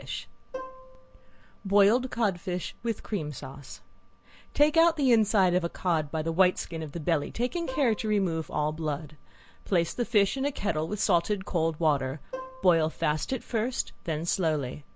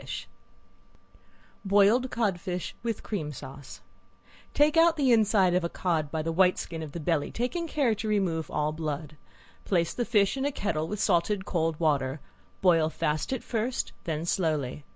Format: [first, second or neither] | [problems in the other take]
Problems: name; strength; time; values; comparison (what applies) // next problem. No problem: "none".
second | background sound (Plucked string instrument); 16 dB below the speech